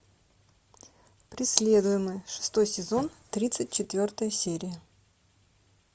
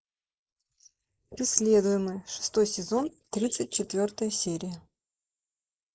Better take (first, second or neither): first